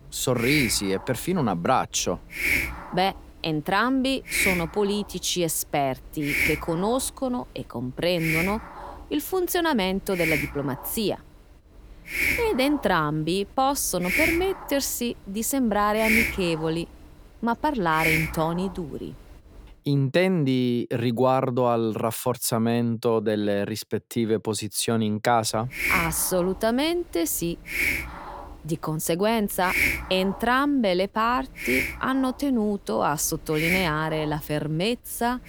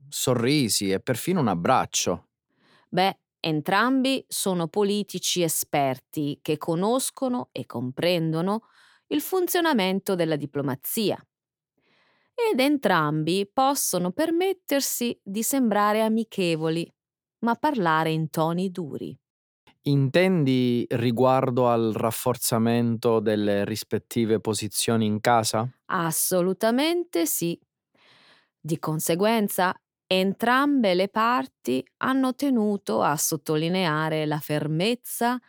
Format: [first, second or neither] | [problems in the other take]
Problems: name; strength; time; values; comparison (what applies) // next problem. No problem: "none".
second | hiss; loud; until 20 s and from 26 s on; 1 dB below the speech